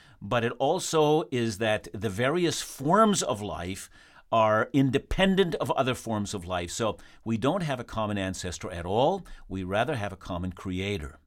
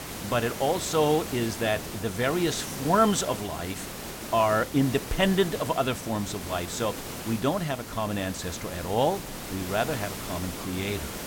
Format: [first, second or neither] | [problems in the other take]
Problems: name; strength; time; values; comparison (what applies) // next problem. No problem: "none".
first | hiss; loud; throughout; 8 dB below the speech